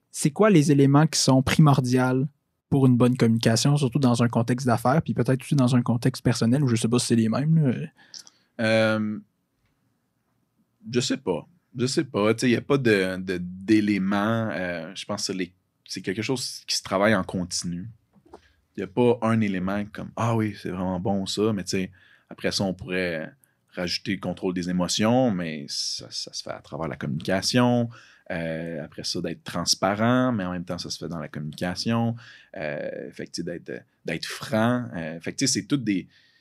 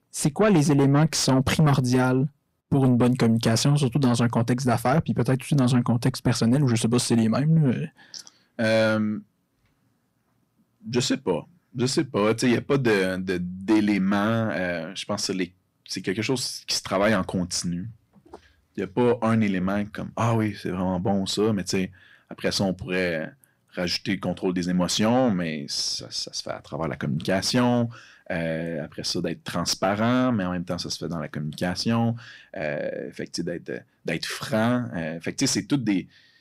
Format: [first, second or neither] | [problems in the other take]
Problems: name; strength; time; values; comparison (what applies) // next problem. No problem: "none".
first | distortion; slight; 10 dB below the speech